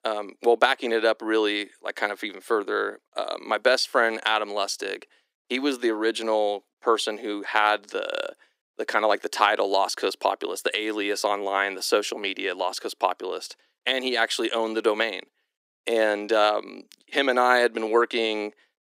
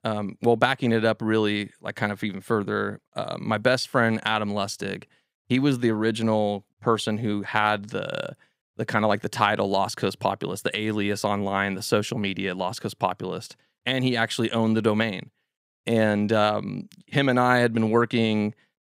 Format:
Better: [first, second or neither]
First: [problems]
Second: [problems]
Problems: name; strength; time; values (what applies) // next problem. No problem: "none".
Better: second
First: thin; somewhat; fading below 300 Hz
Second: none